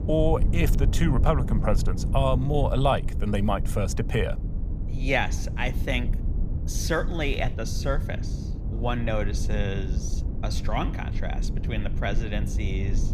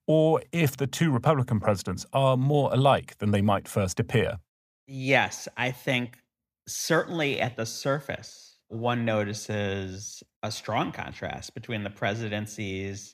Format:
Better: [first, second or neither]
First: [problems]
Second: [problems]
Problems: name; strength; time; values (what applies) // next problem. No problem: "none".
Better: second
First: low rumble; noticeable; throughout; 15 dB below the speech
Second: none